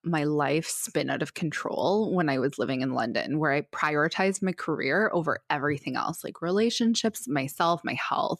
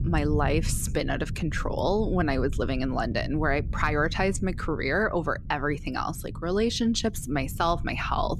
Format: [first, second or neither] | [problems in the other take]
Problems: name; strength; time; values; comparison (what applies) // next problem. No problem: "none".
first | low rumble; faint; throughout; 20 dB below the speech